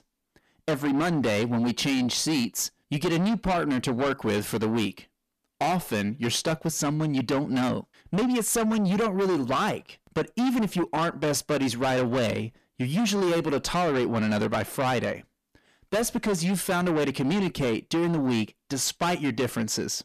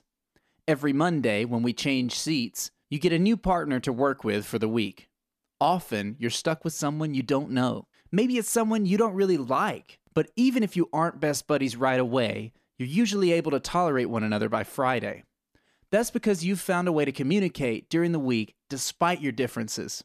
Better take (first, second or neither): second